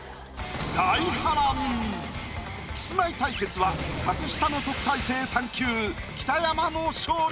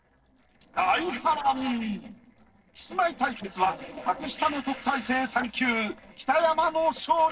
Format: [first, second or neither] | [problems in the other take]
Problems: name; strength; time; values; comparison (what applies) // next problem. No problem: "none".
first | noise reduction (neural separator model SepFormer DNS4)